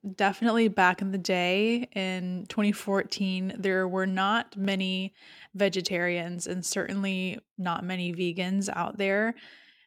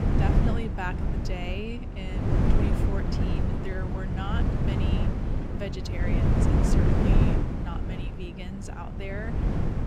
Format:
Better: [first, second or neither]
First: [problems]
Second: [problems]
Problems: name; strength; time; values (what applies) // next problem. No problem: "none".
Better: first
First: none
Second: wind noise on the microphone; heavy; 4 dB above the speech